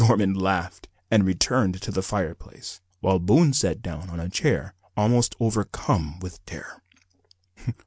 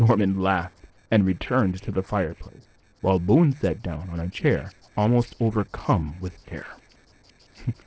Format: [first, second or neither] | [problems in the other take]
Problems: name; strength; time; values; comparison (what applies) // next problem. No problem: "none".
first | noise reduction (neural separator model SepFormer DNS4)